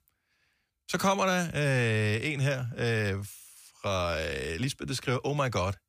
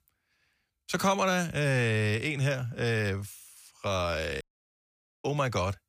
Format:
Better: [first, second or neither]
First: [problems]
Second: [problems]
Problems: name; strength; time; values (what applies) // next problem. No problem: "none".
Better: first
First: none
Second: audio cutting out; at 4.5 s for 1 s